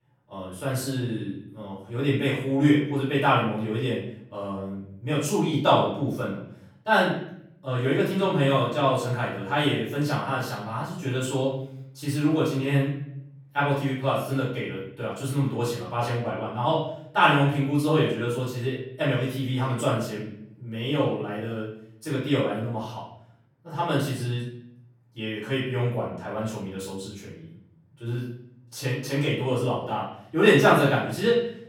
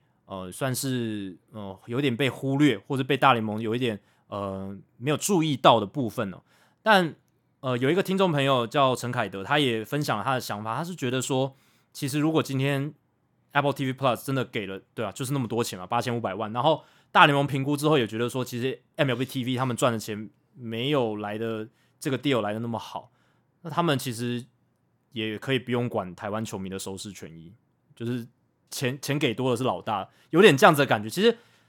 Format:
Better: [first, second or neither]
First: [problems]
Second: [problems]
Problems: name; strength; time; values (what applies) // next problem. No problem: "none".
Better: second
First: off-mic speech; far // room echo; noticeable; dies away in 0.7 s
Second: none